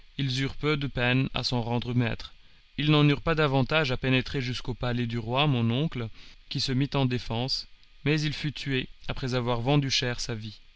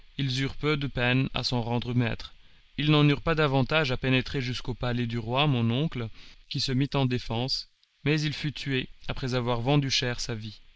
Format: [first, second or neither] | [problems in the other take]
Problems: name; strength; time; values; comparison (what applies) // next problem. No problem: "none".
first | noise reduction (neural mask model Resemble Enhance denoiser)